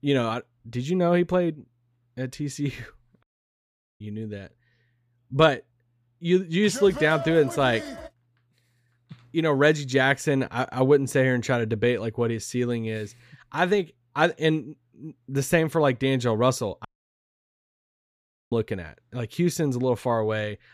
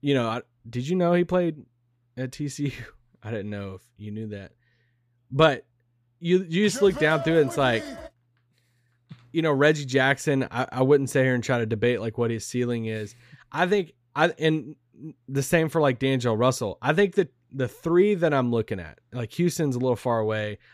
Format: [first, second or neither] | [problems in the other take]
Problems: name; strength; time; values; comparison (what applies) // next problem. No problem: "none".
second | audio cutting out; at 3 s for 1 s and at 17 s for 1.5 s